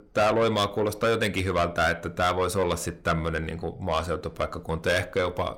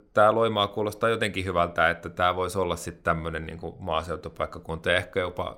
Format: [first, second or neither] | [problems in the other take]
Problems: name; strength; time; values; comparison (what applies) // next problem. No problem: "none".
second | distortion; heavy; 8 dB below the speech